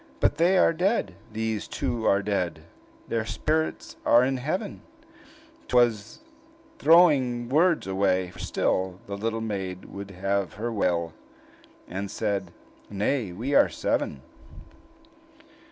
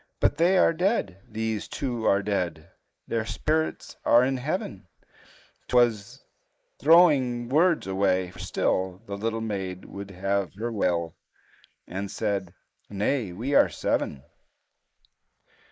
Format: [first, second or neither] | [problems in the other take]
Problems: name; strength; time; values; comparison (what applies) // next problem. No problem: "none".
first | noise reduction (neural mask model Resemble Enhance denoiser)